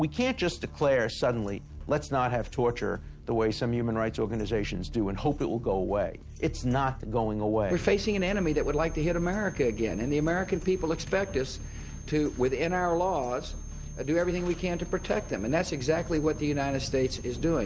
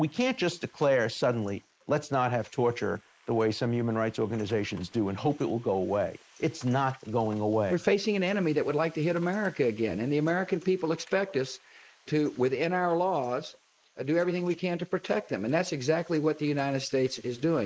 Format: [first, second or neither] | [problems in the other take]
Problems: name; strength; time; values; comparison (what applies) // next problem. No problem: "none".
first | noise reduction (neural mask model Resemble Enhance denoiser)